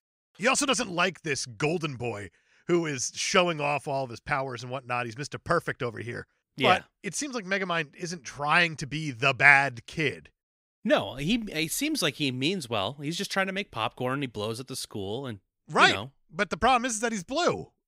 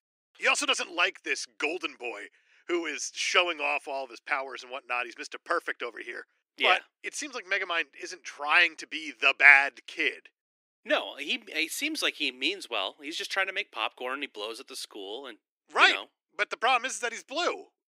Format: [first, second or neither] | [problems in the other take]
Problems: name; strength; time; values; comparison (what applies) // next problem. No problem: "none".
first | thin; somewhat; fading below 300 Hz